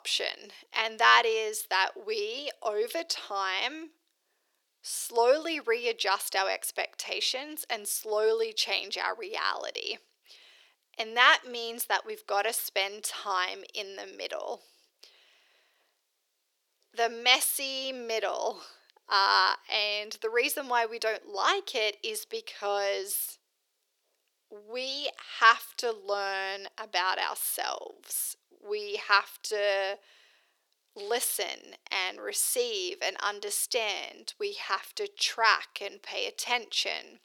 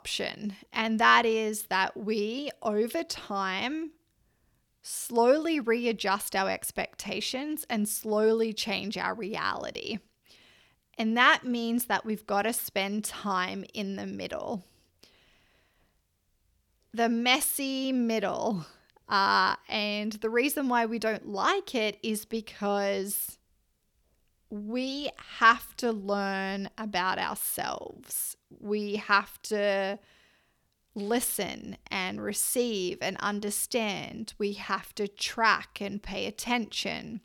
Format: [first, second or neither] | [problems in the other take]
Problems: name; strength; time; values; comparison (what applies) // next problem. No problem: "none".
second | thin; very; fading below 400 Hz